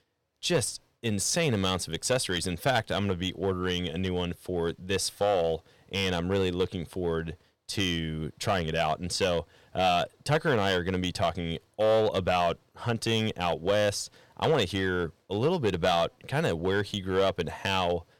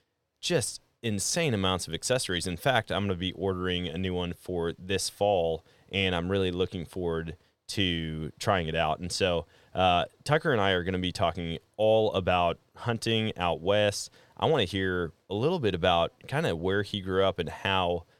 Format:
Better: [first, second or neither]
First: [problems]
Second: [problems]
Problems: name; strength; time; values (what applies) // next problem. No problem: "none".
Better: second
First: distortion; slight; 3% of the sound clipped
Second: none